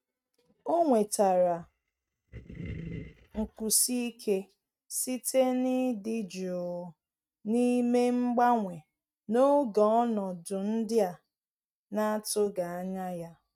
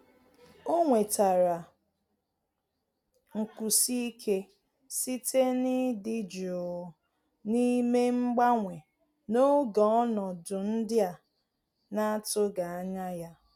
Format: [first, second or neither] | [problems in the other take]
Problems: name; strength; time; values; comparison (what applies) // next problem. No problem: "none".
second | noise reduction (neural mask model RNNoise)